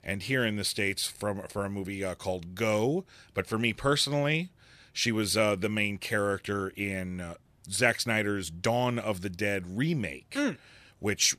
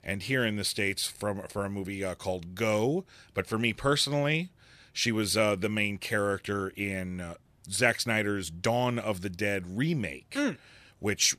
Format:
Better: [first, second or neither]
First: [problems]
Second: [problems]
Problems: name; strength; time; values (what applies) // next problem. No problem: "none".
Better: neither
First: none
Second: none